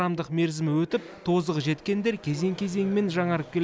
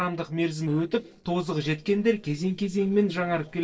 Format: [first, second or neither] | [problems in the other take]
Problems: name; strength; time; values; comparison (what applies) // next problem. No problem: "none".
first | noise reduction (neural separator model SepFormer DNS4)